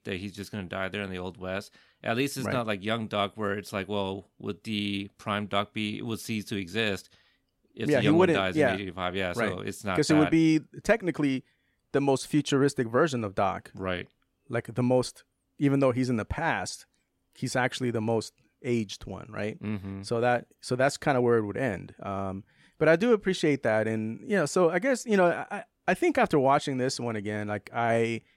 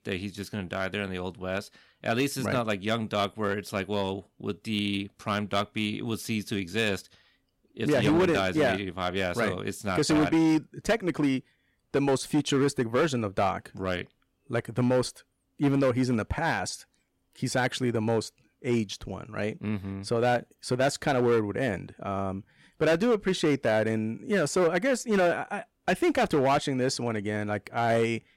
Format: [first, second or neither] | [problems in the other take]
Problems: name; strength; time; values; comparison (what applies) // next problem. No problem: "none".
first | distortion; slight; 5% of the sound clipped